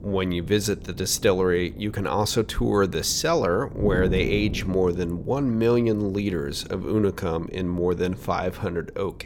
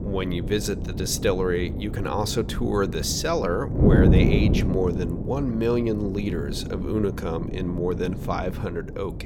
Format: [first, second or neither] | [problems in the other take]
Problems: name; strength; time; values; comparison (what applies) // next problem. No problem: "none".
first | wind noise on the microphone; heavy; 6 dB below the speech; occasional gusts in the first